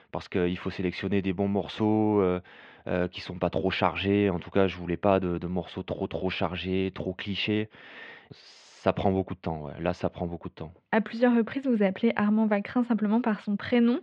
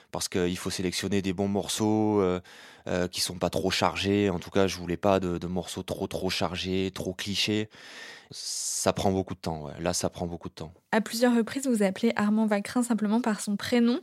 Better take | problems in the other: second | muffled; very; fading above 3 kHz

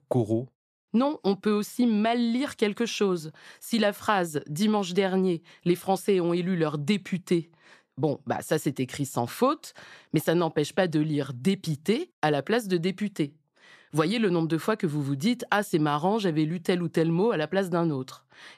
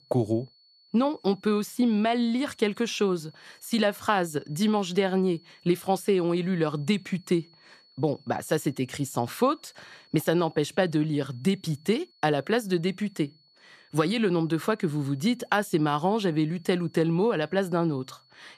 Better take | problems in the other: first | high-pitched whine; faint; throughout; 4.5 kHz, 30 dB below the speech

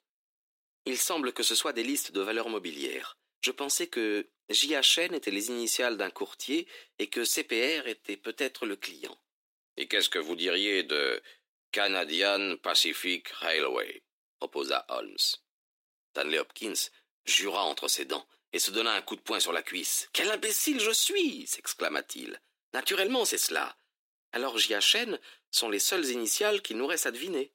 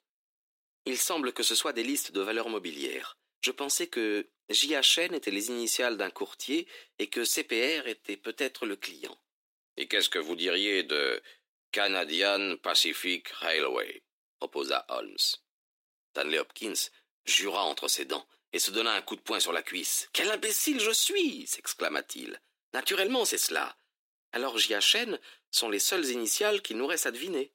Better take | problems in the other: neither | thin; somewhat; fading below 300 Hz; the same in both

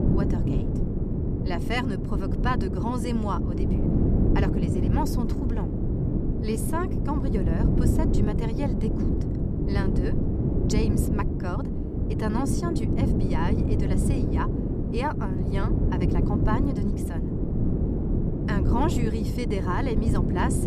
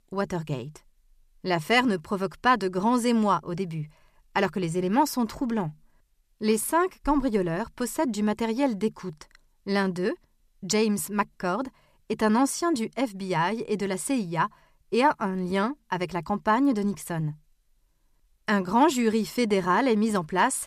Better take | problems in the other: second | wind noise on the microphone; heavy; 1 dB below the speech

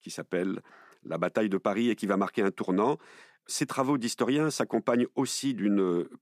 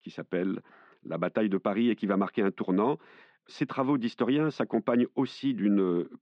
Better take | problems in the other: first | muffled; slightly; fading above 3.5 kHz

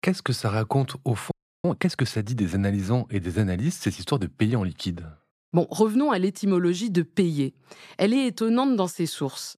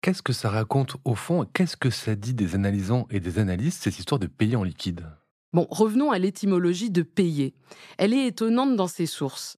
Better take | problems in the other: second | audio freezing; at 1.5 s

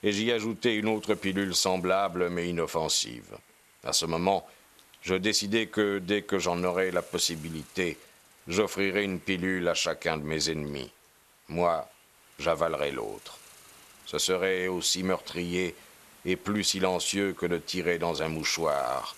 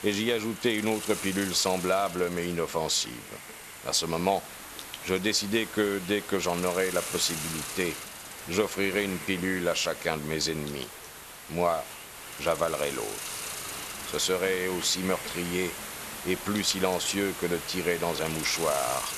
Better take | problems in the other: first | hiss; loud; throughout; 8 dB below the speech; faint in the first

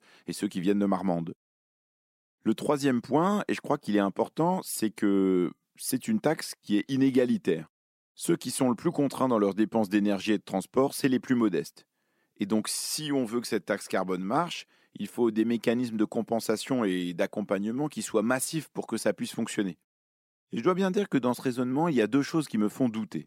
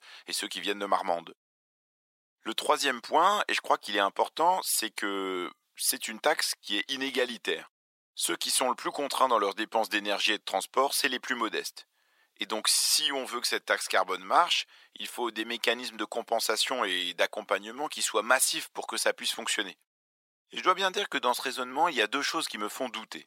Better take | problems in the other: first | thin; very; fading below 850 Hz

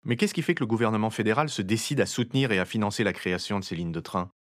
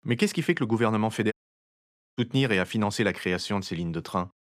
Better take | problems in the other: first | audio cutting out; at 1.5 s for 1 s

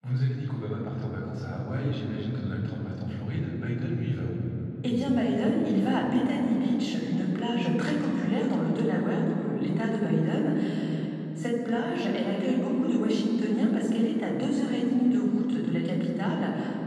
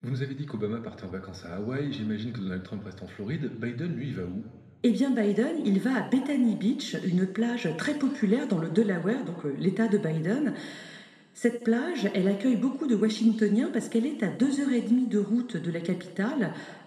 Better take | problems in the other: second | room echo; strong; dies away in 3 s; slight in the second // off-mic speech; far; somewhat distant in the second

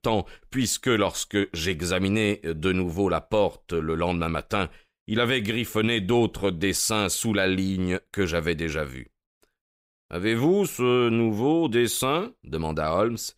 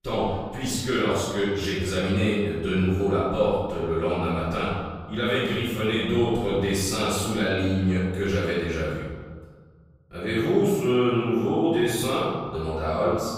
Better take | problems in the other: first | off-mic speech; far // room echo; strong; dies away in 1.5 s

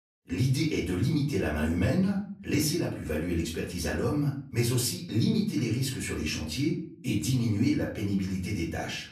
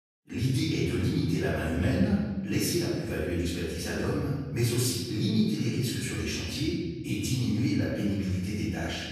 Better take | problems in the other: first | room echo; strong; dies away in 1.4 s; slight in the first // off-mic speech; far; far in the first

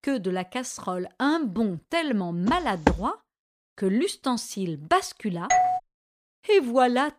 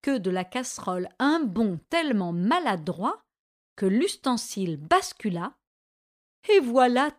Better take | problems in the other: second | footsteps; loud; at 2.5 s; peak level with the speech // doorbell; loud; at 5.5 s; peak 4 dB above the speech

